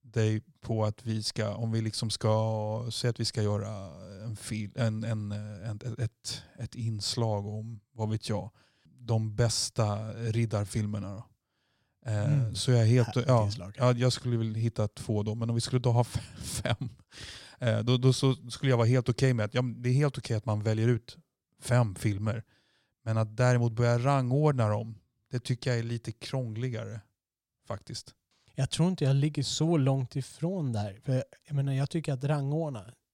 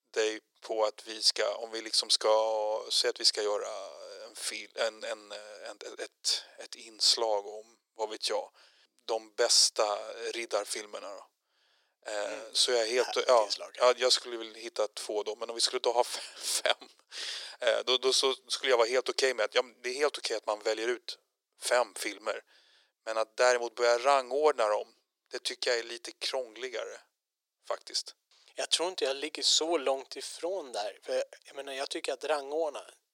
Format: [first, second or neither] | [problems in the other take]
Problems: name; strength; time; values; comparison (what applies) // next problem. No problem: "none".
first | thin; very; fading below 400 Hz